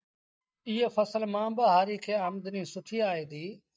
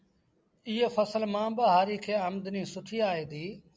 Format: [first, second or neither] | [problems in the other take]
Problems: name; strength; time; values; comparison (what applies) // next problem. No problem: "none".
second | noise reduction (neural mask model DeepFilterNet 3)